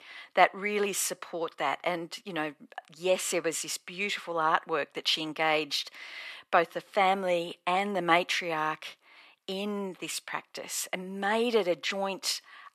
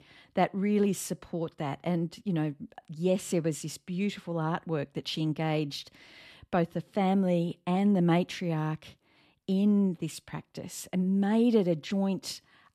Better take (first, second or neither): second